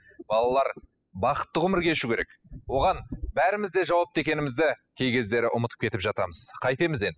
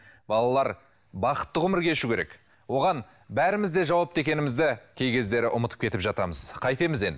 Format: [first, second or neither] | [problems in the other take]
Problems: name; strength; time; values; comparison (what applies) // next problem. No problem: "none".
second | noise reduction (classical method spectral subtraction)